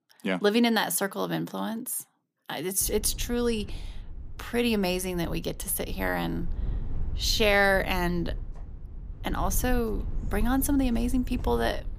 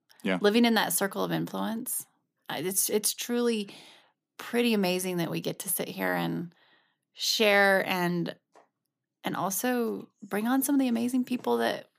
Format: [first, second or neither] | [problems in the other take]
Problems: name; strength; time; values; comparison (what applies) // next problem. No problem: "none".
second | low rumble; faint; from 3 s on; 25 dB below the speech